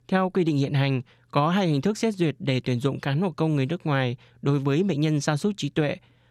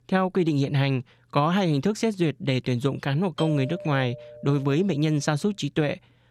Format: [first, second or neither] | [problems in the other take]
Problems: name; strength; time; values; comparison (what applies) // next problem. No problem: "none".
first | doorbell; noticeable; from 3.5 to 5 s; peak 10 dB below the speech